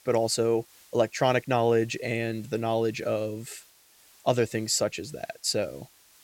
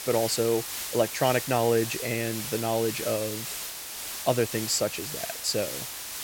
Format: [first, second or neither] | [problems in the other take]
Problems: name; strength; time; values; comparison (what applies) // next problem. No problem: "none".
first | hiss; loud; throughout; 5 dB below the speech; faint in the first